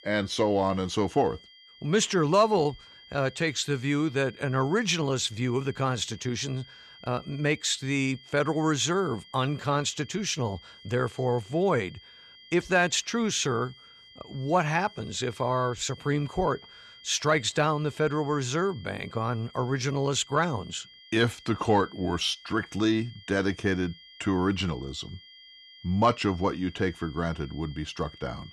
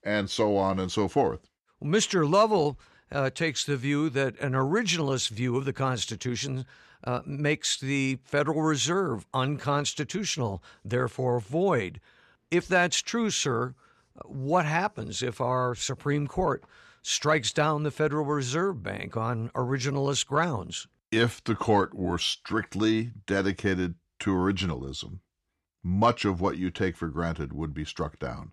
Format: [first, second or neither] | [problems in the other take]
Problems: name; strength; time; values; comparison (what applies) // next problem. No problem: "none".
second | high-pitched whine; faint; throughout; 3 kHz, 20 dB below the speech